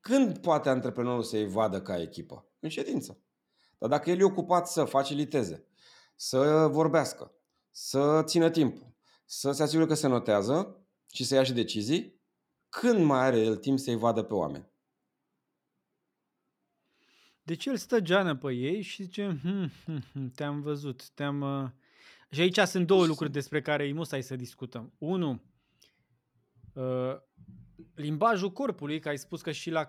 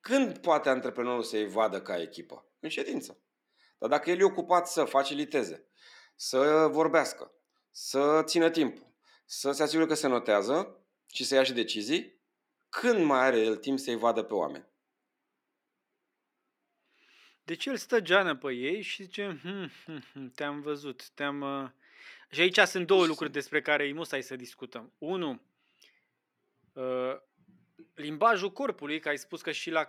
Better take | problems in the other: first | thin; very slightly; fading below 350 Hz

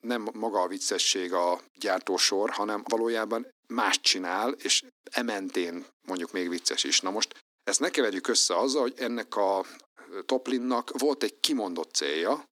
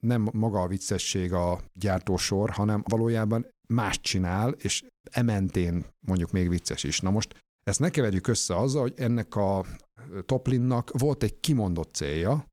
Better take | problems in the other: second | thin; somewhat; fading below 250 Hz

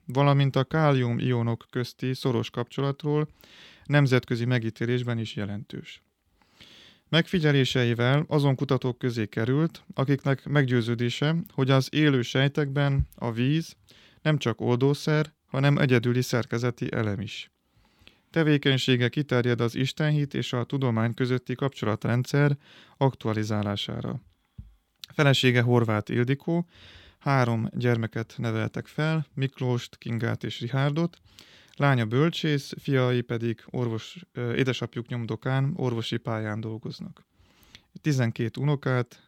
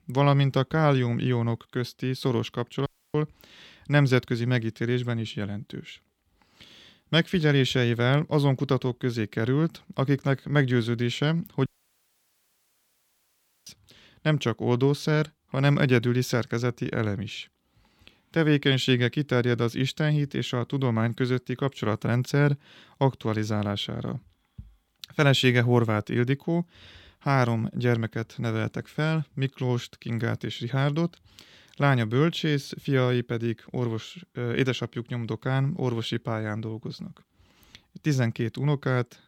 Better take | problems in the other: first | audio cutting out; at 3 s and at 12 s for 2 s

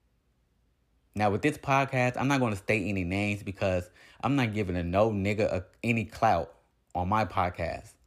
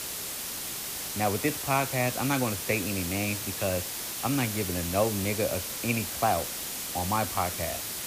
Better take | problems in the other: first | hiss; loud; throughout; 2 dB below the speech

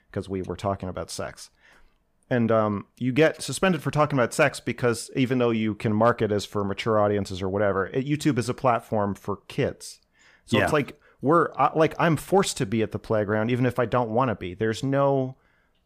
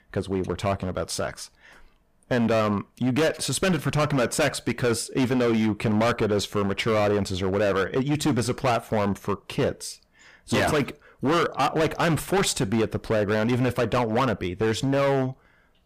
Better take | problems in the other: first | distortion; heavy; 16% of the sound clipped

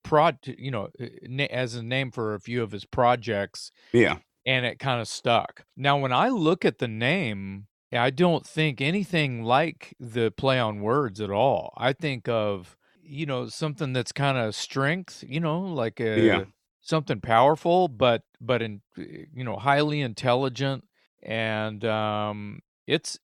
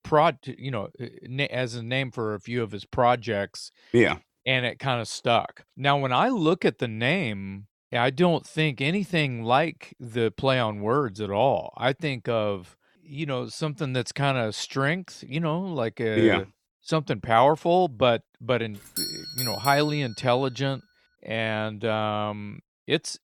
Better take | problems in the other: first | doorbell; noticeable; from 19 to 20 s; peak 3 dB below the speech

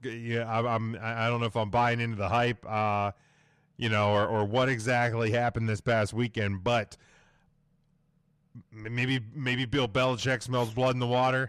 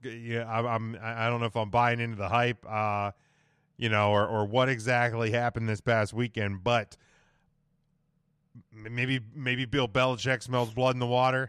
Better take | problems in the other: second | distortion; slight; 10 dB below the speech

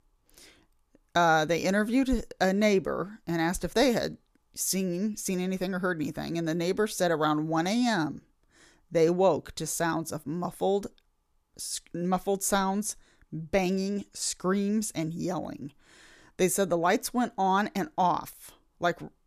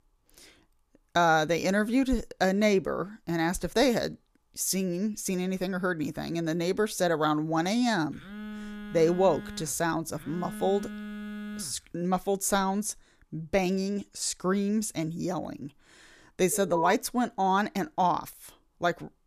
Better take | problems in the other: first | phone ringing; faint; from 8 to 12 s; peak 10 dB below the speech // alarm; noticeable; at 17 s; peak 4 dB below the speech

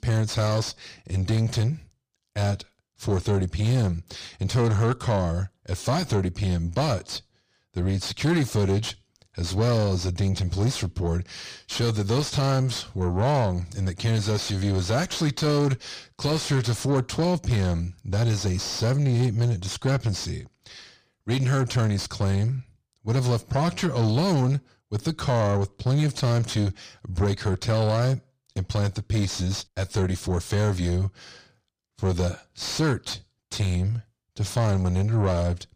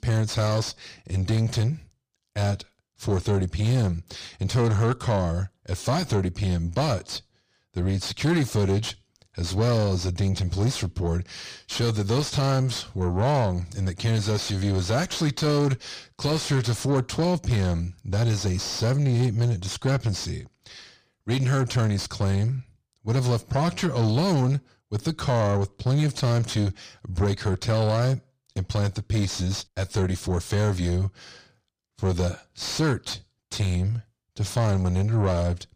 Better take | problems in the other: neither | distortion; slight; 9 dB below the speech; the same in both

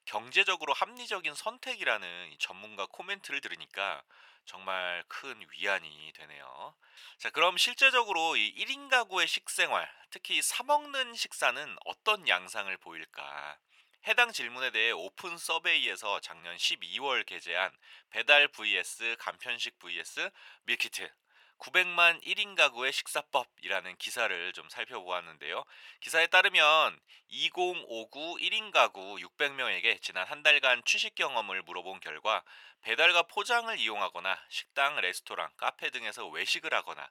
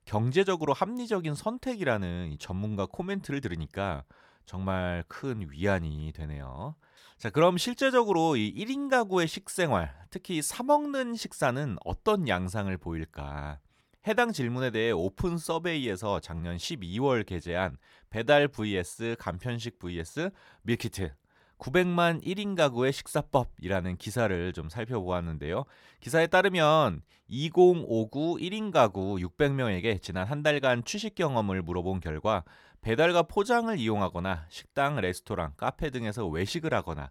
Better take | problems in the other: second | thin; very; fading below 850 Hz

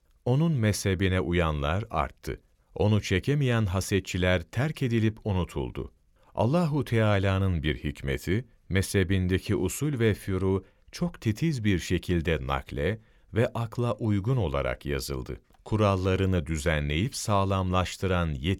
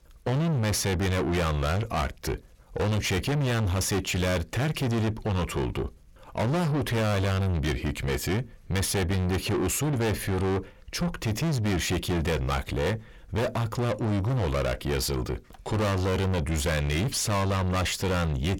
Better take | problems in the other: first | distortion; heavy; 5 dB below the speech

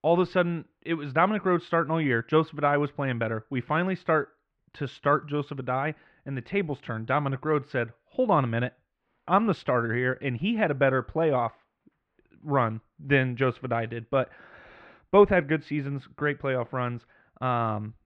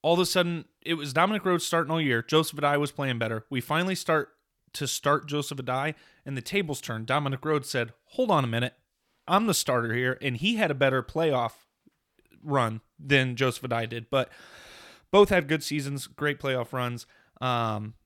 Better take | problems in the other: second | muffled; very; fading above 2 kHz

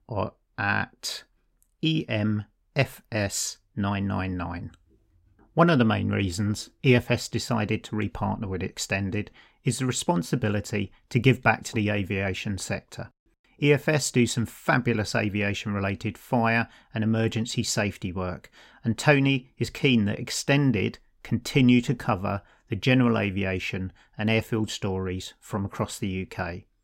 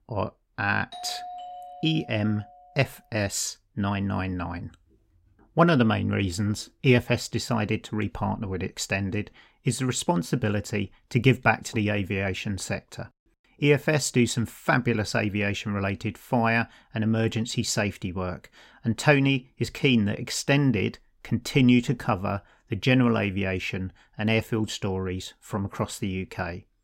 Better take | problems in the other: first | doorbell; faint; from 1 to 3 s; peak 10 dB below the speech

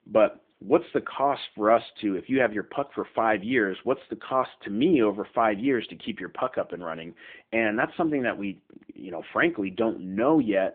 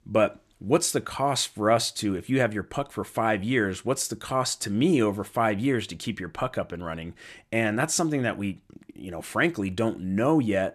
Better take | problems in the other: second | phone-call audio; nothing above 3.5 kHz

